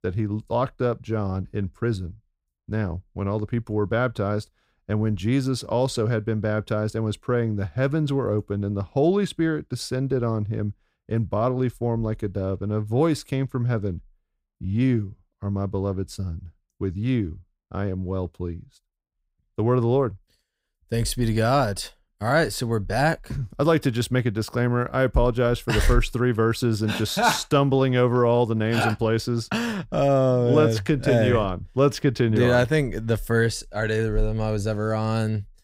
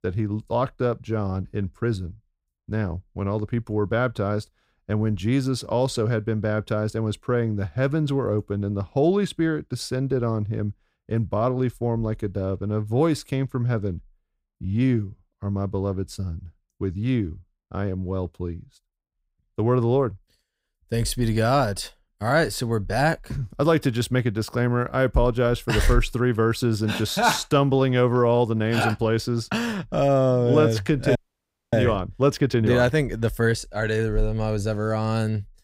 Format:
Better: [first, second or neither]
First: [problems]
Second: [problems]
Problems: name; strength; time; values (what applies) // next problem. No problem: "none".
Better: first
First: none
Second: audio freezing; at 31 s for 0.5 s